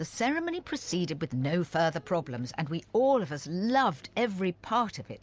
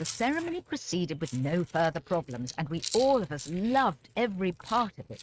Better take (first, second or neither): first